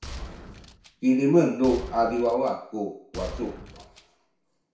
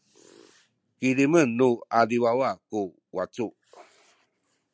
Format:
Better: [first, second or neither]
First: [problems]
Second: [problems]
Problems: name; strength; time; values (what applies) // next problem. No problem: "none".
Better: second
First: background sound (Gunshot, gunfire); 15 dB below the speech // room echo; dies away in 0.6 s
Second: none